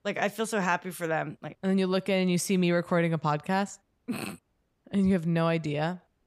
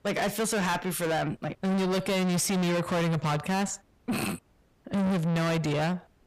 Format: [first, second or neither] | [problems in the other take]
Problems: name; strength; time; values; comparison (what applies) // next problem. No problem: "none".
first | distortion; heavy; 6 dB below the speech